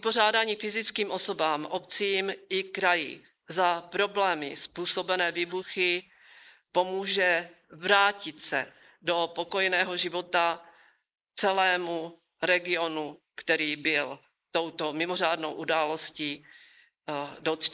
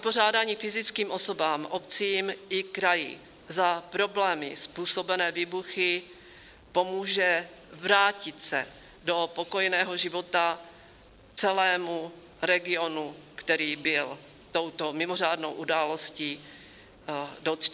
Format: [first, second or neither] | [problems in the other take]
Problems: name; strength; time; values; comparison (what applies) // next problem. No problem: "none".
second | noise reduction (neural mask model Resemble Enhance denoiser)